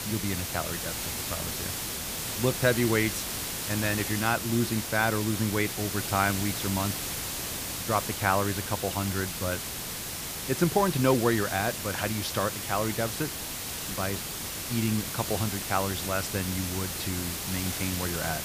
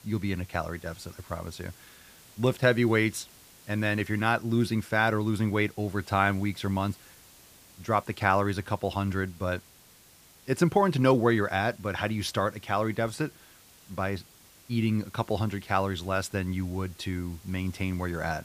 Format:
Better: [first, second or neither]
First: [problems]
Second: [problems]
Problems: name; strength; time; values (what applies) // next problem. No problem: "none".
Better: second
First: hiss; loud; throughout; 2 dB below the speech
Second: hiss; faint; throughout; 25 dB below the speech